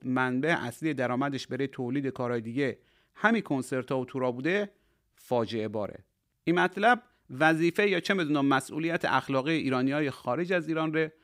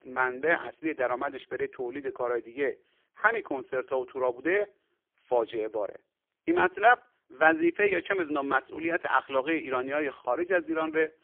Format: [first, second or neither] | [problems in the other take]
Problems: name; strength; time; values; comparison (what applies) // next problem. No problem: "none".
first | phone-call audio; poor line; nothing above 3.5 kHz